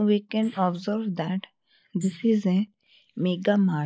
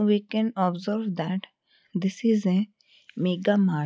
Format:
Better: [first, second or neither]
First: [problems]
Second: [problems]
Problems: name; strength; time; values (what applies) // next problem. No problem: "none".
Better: second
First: noise reduction (neural mask model Resemble Enhance denoiser)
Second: none